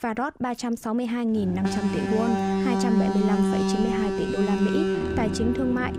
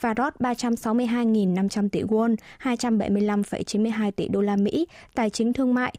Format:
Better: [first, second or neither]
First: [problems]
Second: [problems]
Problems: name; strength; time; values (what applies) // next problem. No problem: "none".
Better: second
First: alarm; loud; from 1.5 s on; peak 4 dB above the speech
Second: none